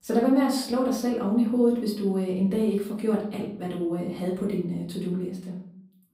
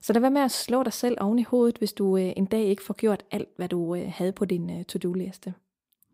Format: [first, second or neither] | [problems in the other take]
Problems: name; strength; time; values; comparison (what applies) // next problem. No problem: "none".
second | off-mic speech; far // room echo; slight; dies away in 0.6 s